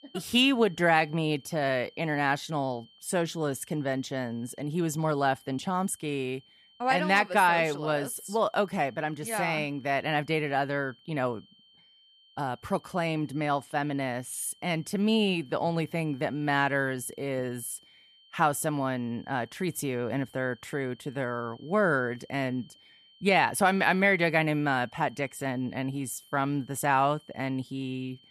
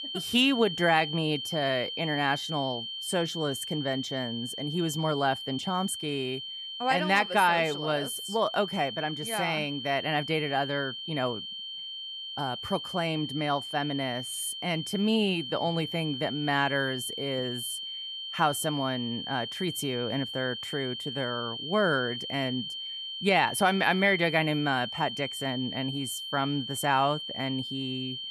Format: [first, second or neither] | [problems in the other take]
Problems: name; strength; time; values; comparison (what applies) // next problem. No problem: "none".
first | high-pitched whine; loud; throughout; 3 kHz, 6 dB below the speech; faint in the first